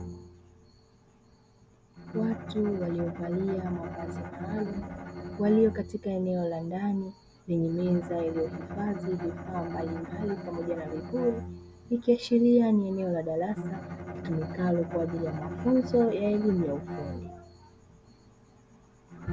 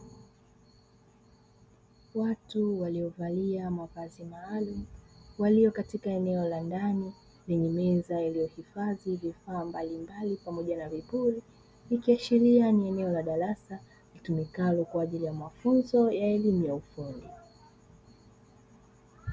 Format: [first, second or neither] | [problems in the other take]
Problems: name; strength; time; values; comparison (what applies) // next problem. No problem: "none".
second | background sound (Bowed string instrument); 10 dB below the speech